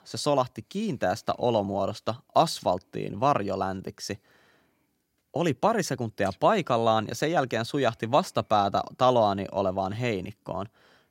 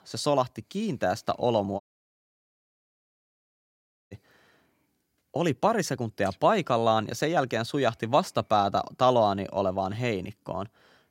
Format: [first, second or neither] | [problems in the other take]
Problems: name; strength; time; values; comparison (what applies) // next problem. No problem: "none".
first | audio cutting out; at 2 s for 2.5 s